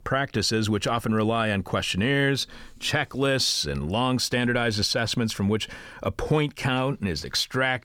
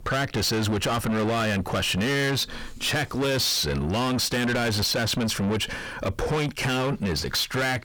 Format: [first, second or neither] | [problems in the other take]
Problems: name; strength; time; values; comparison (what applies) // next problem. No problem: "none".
first | distortion; heavy; 6 dB below the speech